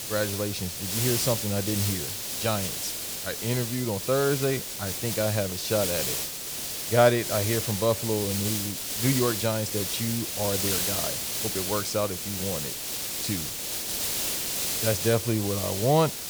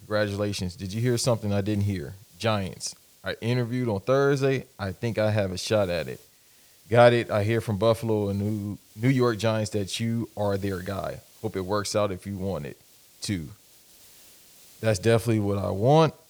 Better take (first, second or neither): second